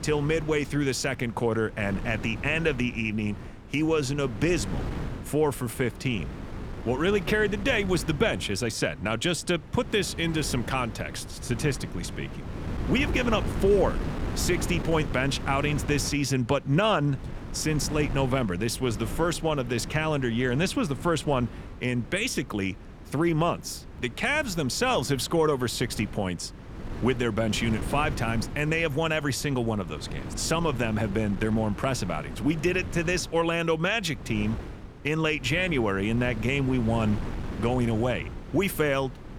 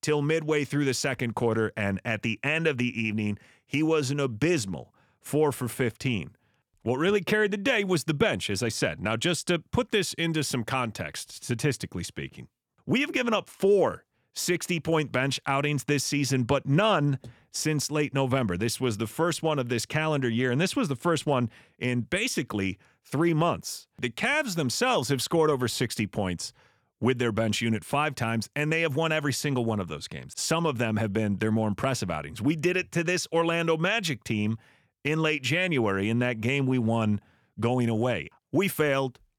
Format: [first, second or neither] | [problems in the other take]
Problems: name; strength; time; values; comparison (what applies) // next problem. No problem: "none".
second | wind noise on the microphone; occasional gusts; 15 dB below the speech